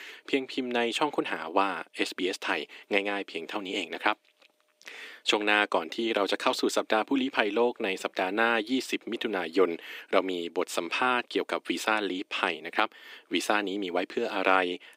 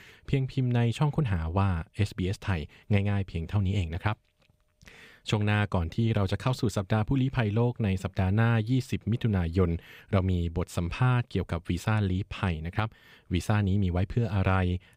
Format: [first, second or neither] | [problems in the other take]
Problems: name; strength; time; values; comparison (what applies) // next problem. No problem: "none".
second | thin; very; fading below 300 Hz